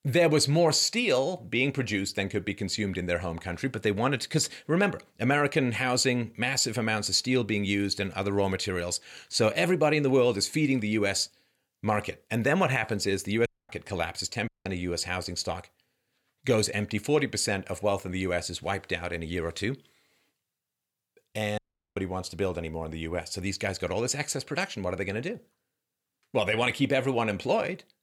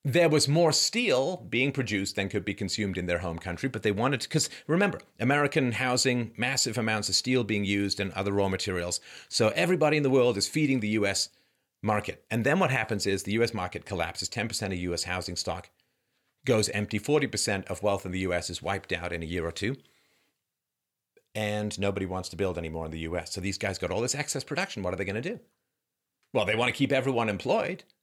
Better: second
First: audio cutting out; at 13 s, at 14 s and at 22 s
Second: none

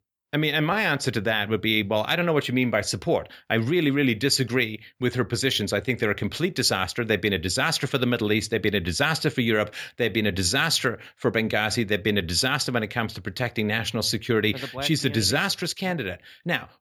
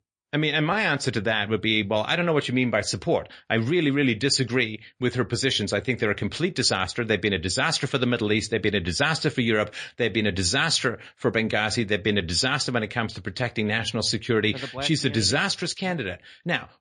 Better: first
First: none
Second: garbled, watery; slightly; nothing above 9.5 kHz

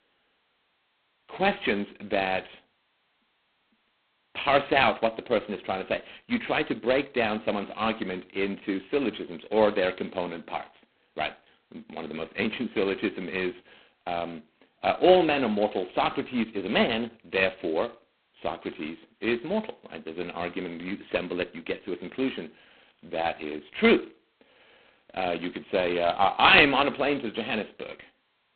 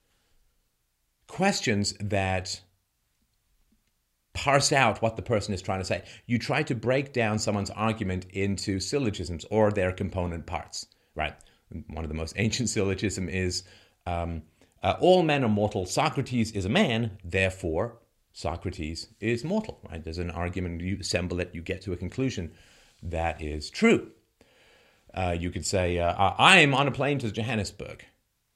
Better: second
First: phone-call audio; poor line; nothing above 4 kHz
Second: none

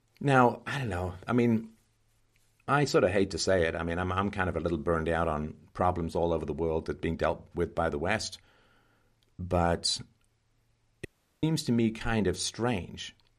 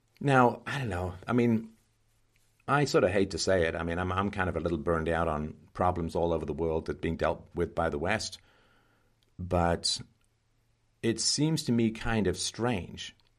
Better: second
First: audio cutting out; at 11 s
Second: none

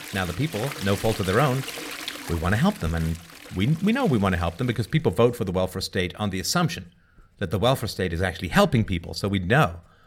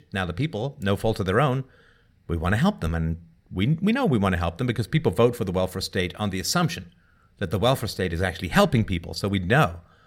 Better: second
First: household noises; noticeable; throughout; 10 dB below the speech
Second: none

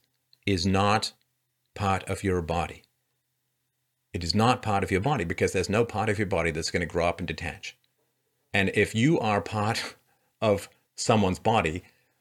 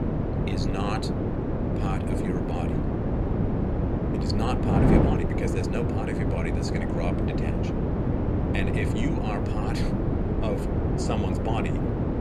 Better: first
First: none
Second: wind noise on the microphone; heavy; 3 dB above the speech

